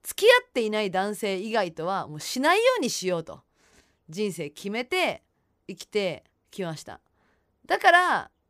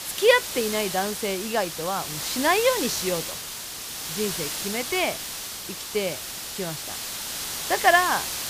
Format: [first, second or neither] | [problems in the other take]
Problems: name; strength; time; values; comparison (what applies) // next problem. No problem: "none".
first | hiss; loud; throughout; 5 dB below the speech